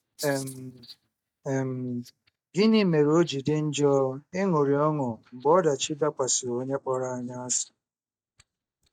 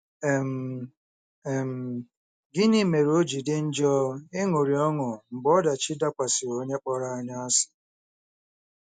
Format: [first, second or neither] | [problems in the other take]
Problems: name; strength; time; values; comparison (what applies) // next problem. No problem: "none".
second | noise reduction (neural mask model DeepFilterNet 3)